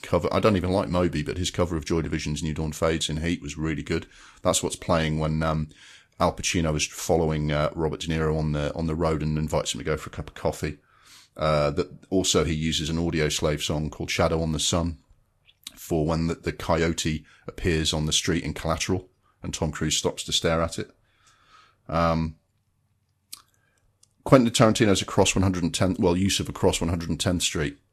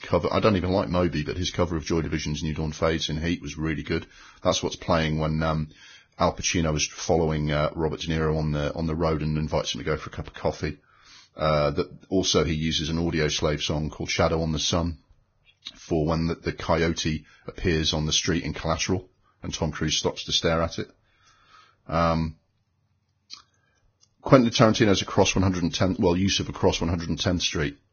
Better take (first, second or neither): first